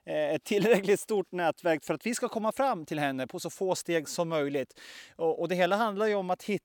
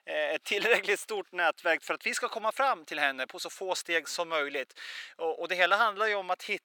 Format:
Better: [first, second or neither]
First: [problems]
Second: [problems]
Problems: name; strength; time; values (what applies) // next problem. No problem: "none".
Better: first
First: none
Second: thin; very; fading below 450 Hz